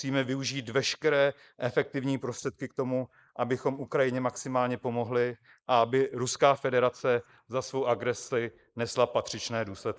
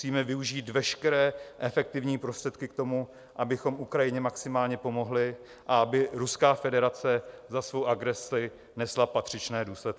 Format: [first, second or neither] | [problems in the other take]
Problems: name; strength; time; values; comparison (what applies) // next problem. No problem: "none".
second | noise reduction (neural mask model Resemble Enhance denoiser)